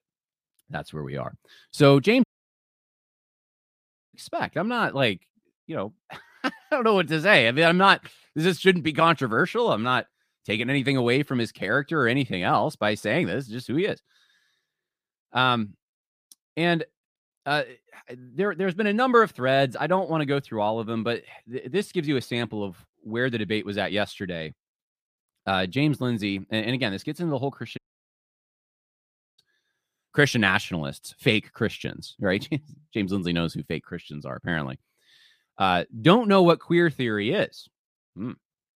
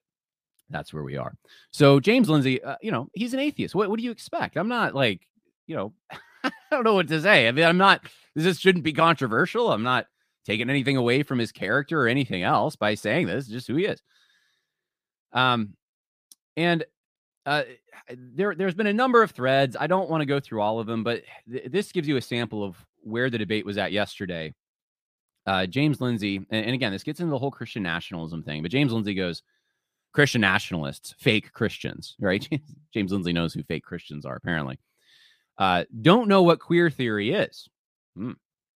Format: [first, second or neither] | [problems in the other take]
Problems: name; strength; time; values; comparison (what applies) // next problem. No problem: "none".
second | audio cutting out; at 2 s for 2 s and at 28 s for 1.5 s